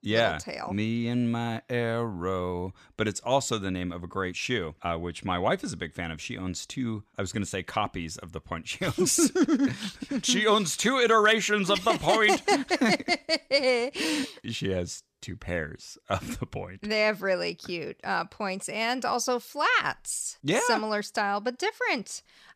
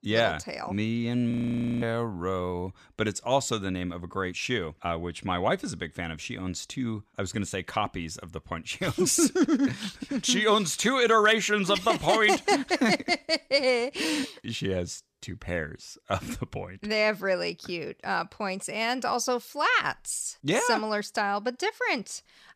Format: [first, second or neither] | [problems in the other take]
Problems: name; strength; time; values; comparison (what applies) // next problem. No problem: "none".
first | audio freezing; at 1.5 s for 0.5 s